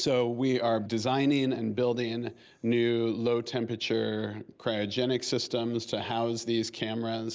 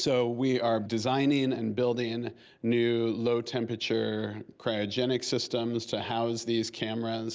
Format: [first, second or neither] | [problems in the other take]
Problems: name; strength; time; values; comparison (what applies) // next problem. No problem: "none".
second | noise reduction (neural mask model Resemble Enhance denoiser)